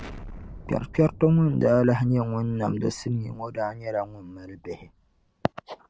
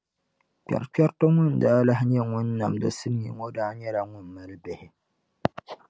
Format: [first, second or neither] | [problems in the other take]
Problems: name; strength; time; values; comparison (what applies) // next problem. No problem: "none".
second | background sound (Explosion); 19 dB below the speech